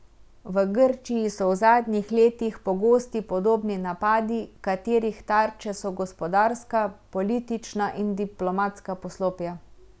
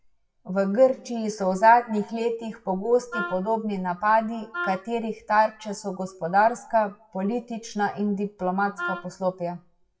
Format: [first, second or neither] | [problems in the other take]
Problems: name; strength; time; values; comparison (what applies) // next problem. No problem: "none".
first | noise reduction (classical method WPE with log-MMSE)